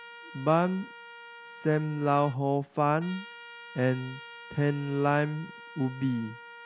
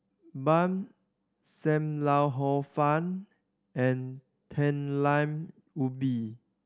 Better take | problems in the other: second | background sound (Trumpet); 17 dB below the speech

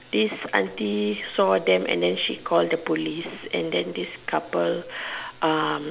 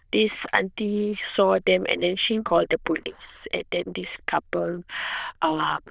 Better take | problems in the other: first | noise reduction (neural diffusion model UNIVERSE++)

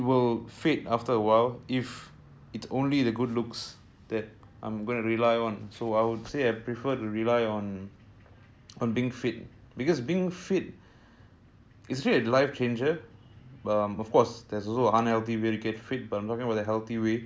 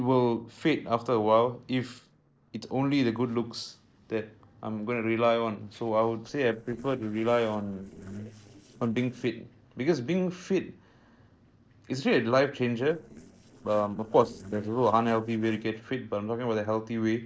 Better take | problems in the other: first | noise reduction (neural separator model SepFormer DNS4)

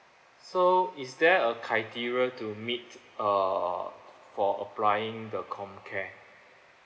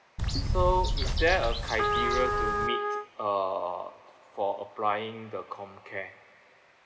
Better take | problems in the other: first | background sound (Trumpet + Bird); 3 dB above the speech

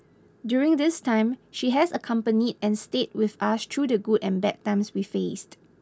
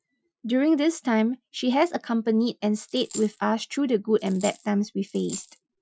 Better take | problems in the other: first | noise reduction (classical method Wiener filter)

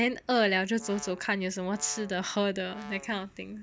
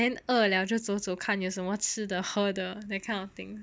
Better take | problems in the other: second | background sound (Brass instrument); 19 dB below the speech

